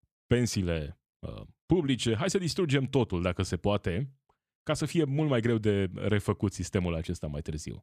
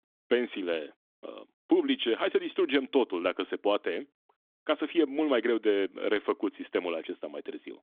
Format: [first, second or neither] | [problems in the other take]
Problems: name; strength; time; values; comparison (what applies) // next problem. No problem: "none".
first | phone-call audio; nothing above 3.5 kHz